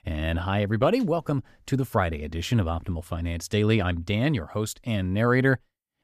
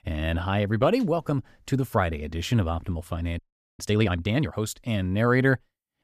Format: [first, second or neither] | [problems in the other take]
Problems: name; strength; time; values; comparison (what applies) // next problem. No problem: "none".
first | audio freezing; at 3.5 s